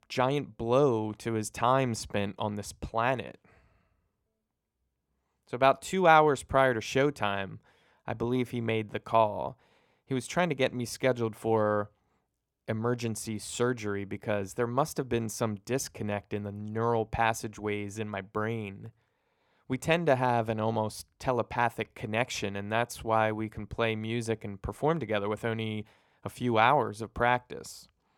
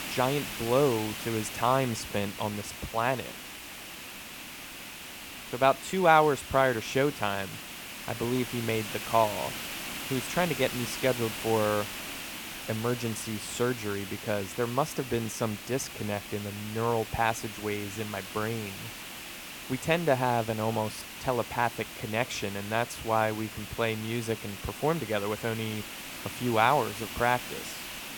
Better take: first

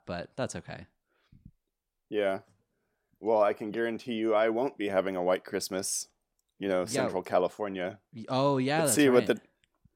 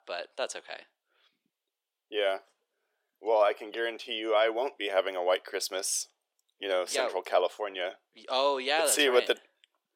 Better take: first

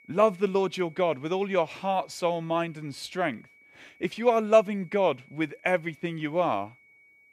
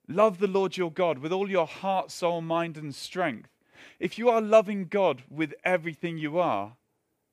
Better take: second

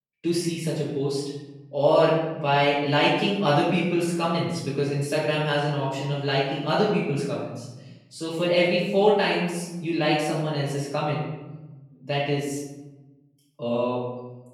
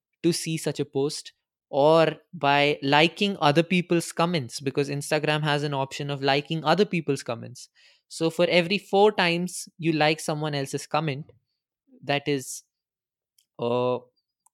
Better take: second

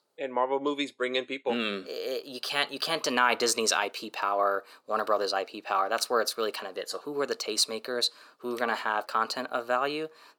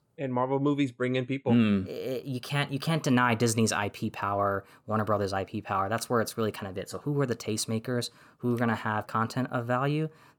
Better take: second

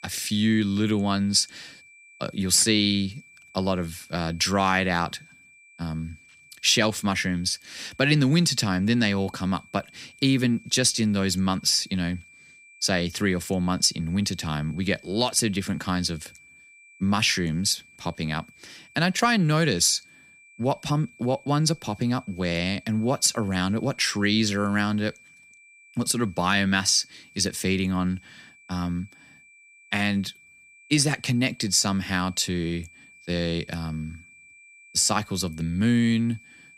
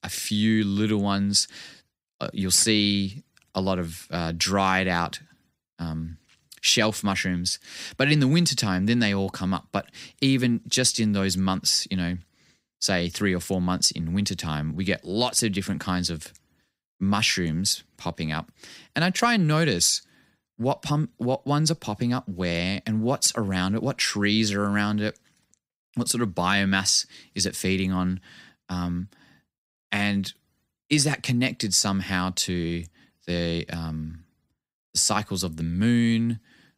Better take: second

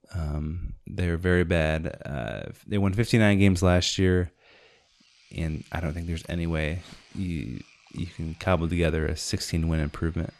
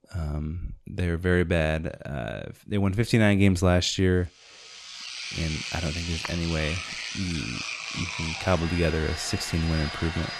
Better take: first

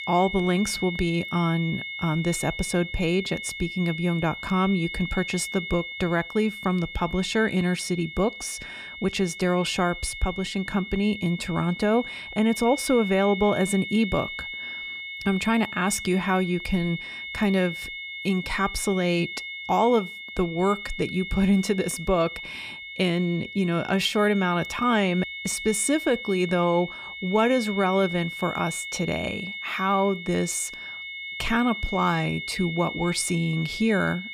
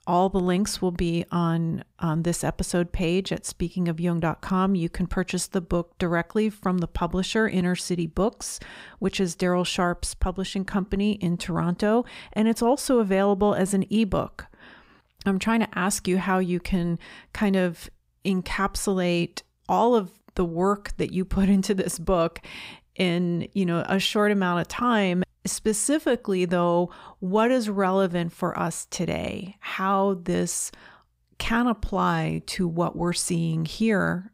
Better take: second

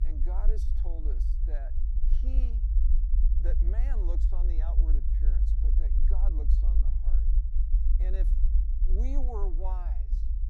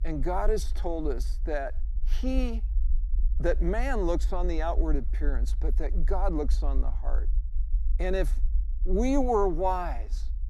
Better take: second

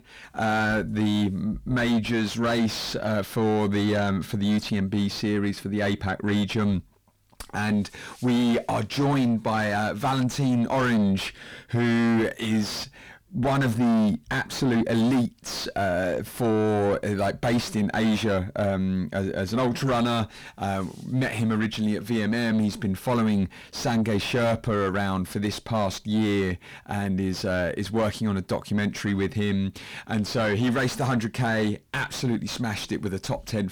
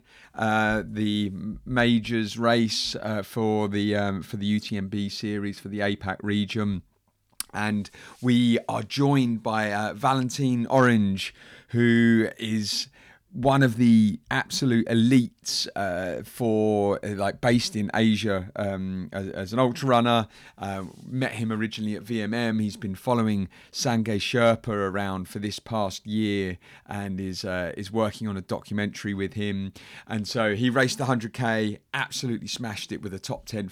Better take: second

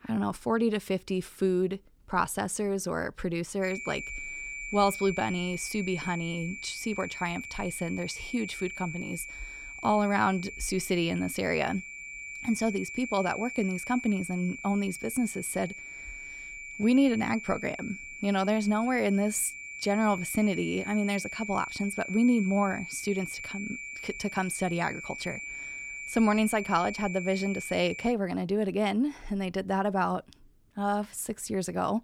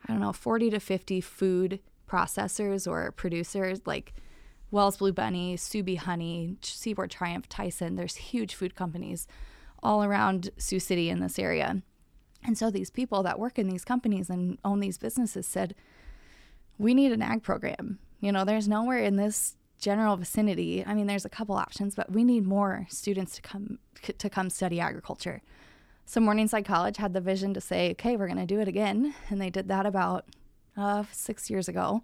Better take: second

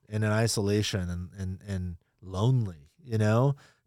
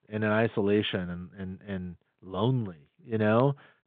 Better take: first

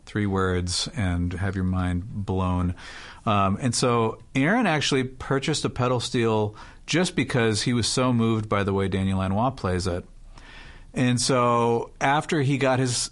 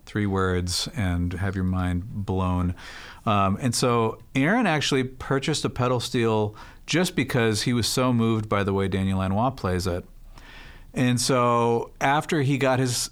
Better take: second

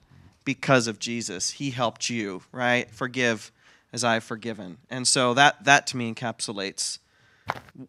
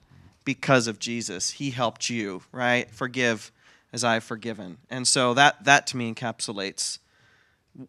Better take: second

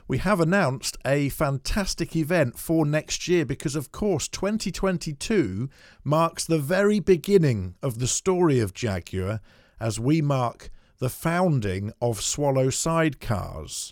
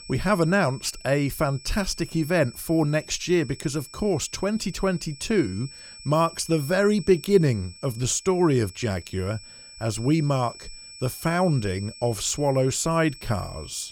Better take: first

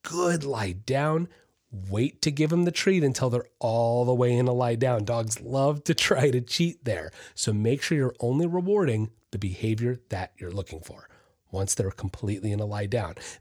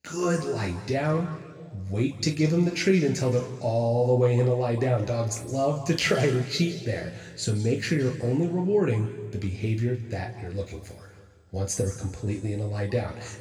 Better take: first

